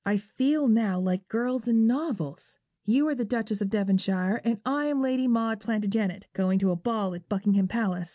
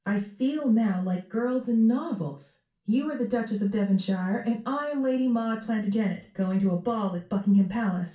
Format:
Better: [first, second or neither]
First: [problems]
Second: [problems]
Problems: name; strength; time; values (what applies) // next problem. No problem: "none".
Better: first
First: none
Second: room echo; dies away in 0.3 s